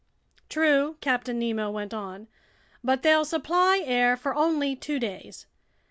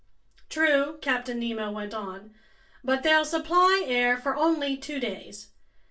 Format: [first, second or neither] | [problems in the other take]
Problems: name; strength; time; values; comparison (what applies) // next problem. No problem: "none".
first | room echo; dies away in 0.2 s